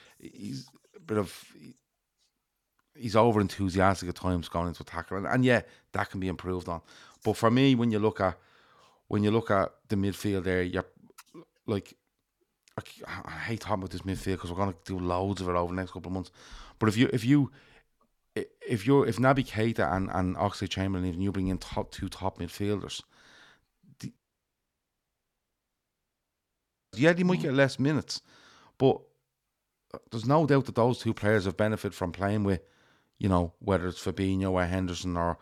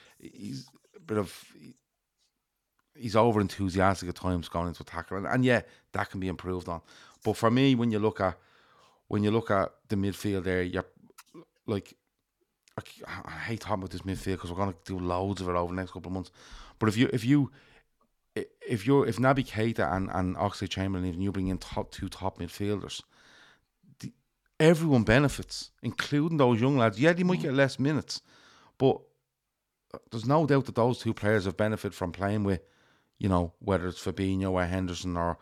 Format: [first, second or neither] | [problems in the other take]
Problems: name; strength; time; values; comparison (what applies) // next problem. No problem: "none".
second | audio cutting out; at 24 s for 3 s